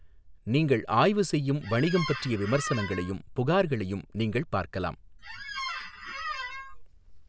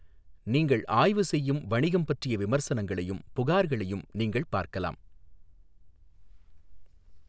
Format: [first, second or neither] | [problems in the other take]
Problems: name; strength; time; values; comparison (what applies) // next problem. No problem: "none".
second | background sound (Squeak); 9 dB below the speech